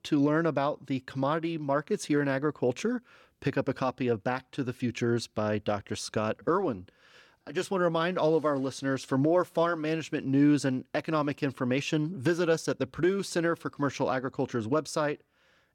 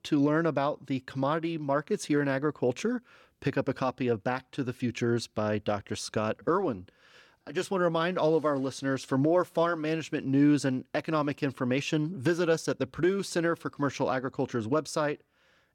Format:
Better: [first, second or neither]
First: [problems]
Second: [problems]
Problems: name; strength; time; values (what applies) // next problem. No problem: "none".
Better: neither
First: none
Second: none